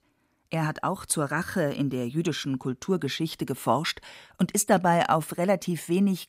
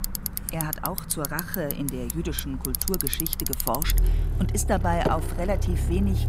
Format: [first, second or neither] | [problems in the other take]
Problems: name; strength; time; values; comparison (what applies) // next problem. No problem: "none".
first | traffic noise; very loud; throughout; 2 dB above the speech